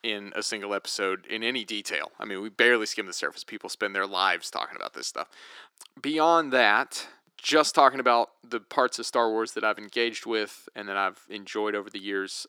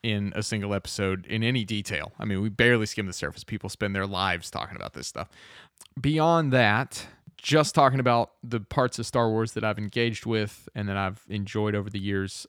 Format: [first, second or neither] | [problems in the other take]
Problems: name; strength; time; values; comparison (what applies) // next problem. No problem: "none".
second | thin; somewhat; fading below 300 Hz